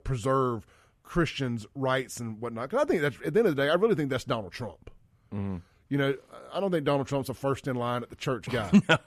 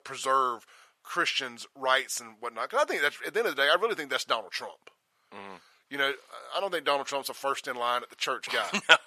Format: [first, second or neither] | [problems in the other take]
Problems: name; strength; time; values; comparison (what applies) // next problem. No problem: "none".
first | thin; very; fading below 800 Hz